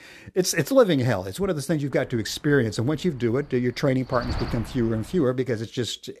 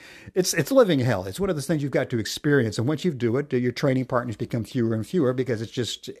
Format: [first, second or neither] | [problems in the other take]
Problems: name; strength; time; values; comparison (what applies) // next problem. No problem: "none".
second | wind noise on the microphone; occasional gusts; from 2 to 5 s; 15 dB below the speech